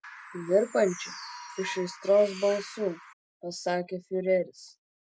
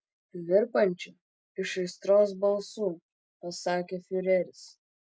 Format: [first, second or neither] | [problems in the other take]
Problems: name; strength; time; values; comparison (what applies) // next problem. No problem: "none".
second | background sound (Bird); 14 dB below the speech